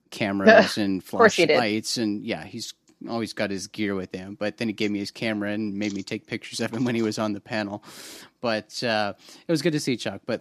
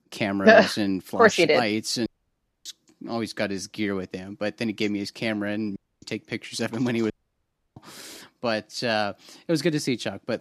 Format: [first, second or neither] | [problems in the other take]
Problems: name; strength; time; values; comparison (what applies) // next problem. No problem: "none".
first | audio cutting out; at 2 s for 0.5 s, at 6 s and at 7 s for 0.5 s